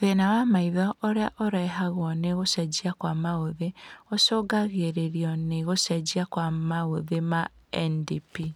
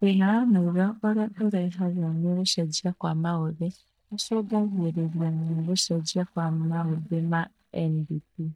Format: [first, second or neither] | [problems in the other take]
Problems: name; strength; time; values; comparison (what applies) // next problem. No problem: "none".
first | noise reduction (neural mask model DeepFilterNet 3)